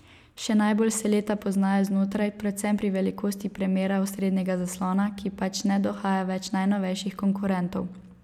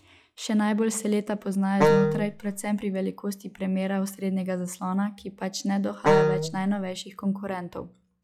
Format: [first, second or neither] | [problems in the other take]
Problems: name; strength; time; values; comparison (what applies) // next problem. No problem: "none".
first | noise reduction (classical method log-MMSE)